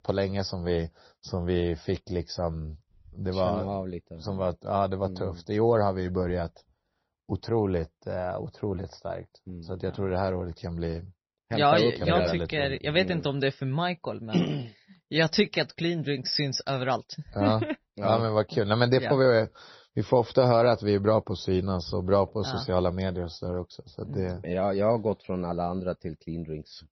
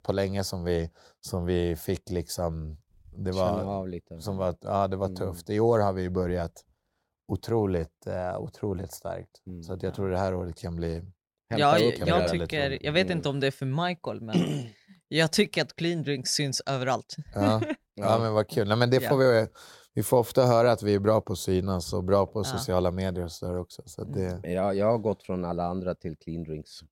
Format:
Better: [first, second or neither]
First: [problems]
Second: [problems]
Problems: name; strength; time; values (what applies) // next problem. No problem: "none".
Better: second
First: garbled, watery; slightly; nothing above 5.5 kHz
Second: none